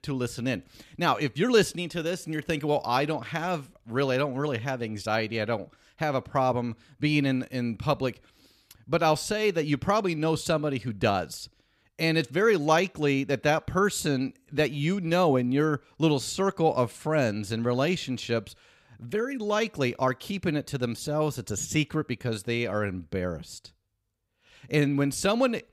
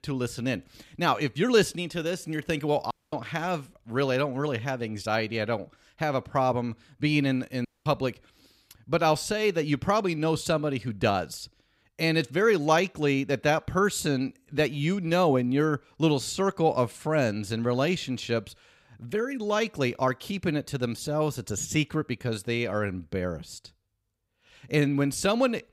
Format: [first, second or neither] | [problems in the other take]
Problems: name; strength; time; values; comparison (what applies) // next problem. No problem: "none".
first | audio cutting out; at 3 s and at 7.5 s